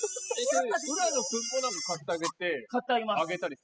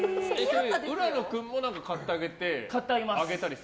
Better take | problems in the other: second | noise reduction (classical method spectral subtraction)

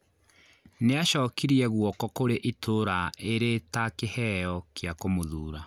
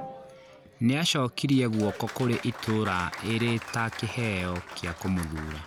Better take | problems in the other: first | background sound (Applause); 13 dB below the speech

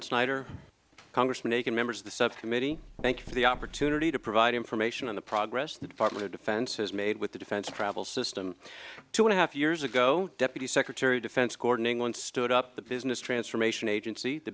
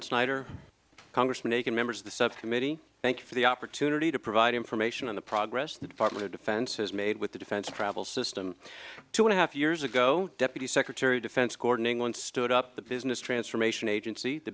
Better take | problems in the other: second | background sound (Knock); 16 dB below the speech

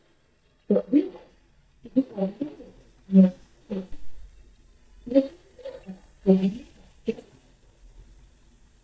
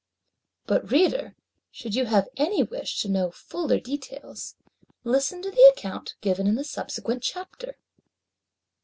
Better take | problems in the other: second | noise reduction (neural mask model DeepFilterNet 3)

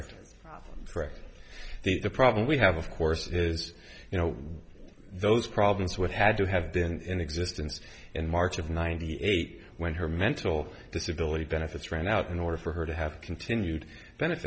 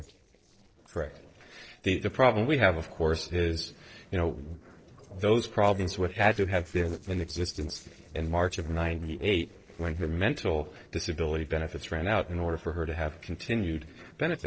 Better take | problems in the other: first | noise reduction (neural separator model SepFormer DNS4)

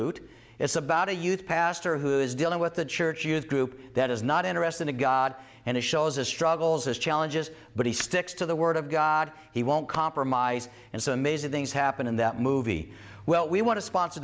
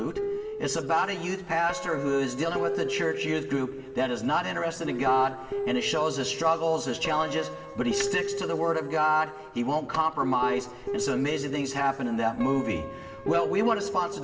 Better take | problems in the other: first | background sound (Guitar); 6 dB below the speech // room echo; dies away in 2.7 s

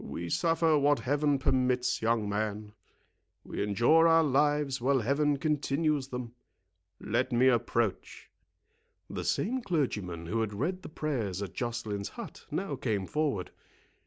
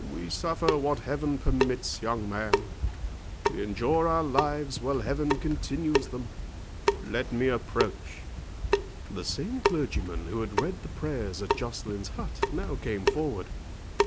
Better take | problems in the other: first | background sound (Drip / Sink (filling or washing) / Water tap, faucet); 1 dB below the speech

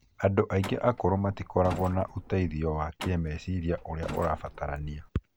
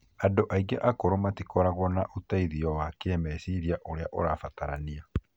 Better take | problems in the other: second | background sound (Truck); 14 dB below the speech

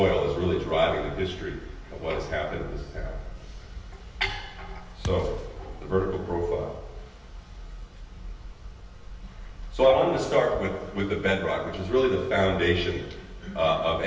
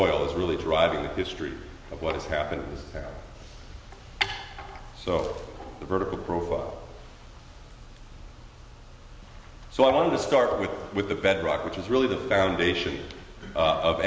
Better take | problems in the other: second | background sound (Thump, thud); 10 dB below the speech // room echo; dies away in 0.4 s

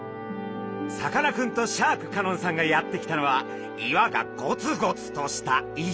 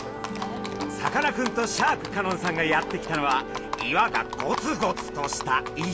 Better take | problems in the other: first | background sound (Livestock, farm animals, working animals); 9 dB below the speech

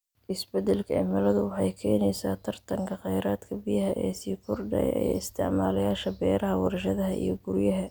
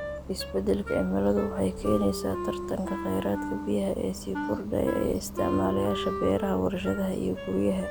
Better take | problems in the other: first | background sound (Bus + Wind instrument, woodwind instrument); 7 dB below the speech

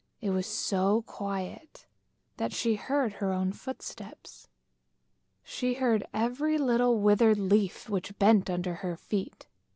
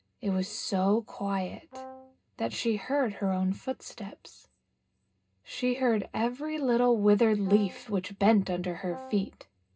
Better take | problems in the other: first | background sound (Brass instrument); 16 dB below the speech // room echo; dies away in 0.2 s

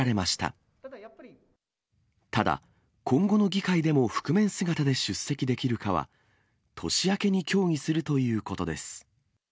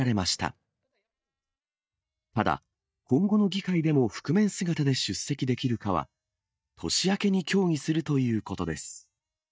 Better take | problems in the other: first | noise reduction (neural mask model DeepFilterNet 3)

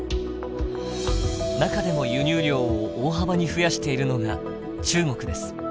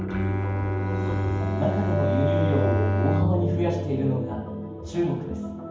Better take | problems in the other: first | background sound (Bowed string instrument); as loud as the speech // room echo; dies away in 1.2 s

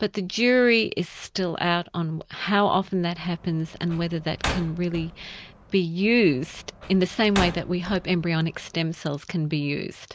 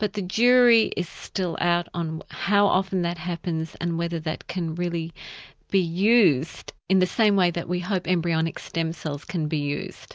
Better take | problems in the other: second | background sound (Slam); 12 dB below the speech

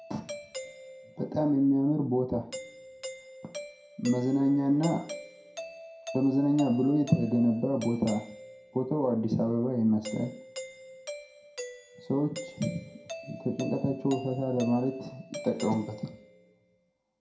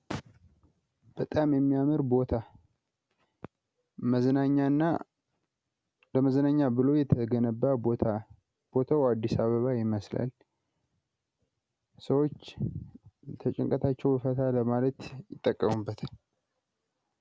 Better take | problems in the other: second | background sound (Doorbell); 14 dB below the speech // room echo; dies away in 0.5 s

